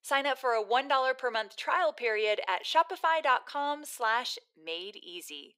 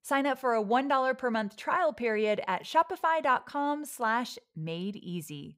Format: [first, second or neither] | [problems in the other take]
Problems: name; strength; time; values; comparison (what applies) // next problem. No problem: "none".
second | thin; somewhat; fading below 350 Hz